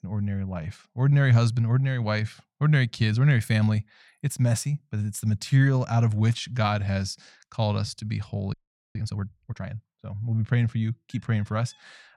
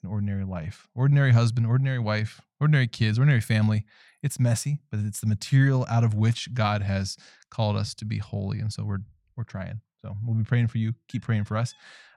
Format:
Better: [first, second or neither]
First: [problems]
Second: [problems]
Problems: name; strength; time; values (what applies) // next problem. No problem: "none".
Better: second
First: audio freezing; at 8.5 s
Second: none